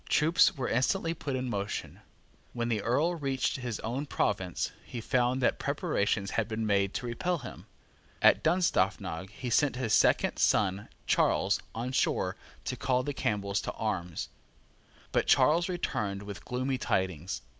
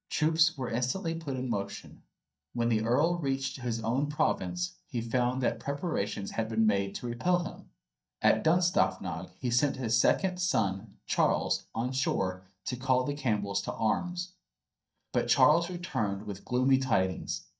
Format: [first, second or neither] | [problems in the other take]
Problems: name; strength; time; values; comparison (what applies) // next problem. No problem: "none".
first | noise reduction (neural mask model DeepFilterNet 3)